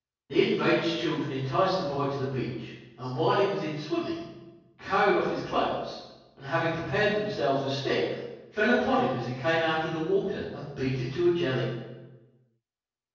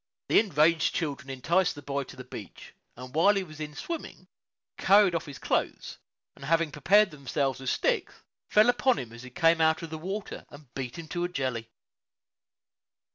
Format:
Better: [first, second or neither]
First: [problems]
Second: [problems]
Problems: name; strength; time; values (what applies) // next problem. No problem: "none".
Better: second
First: room echo; dies away in 1.3 s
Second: none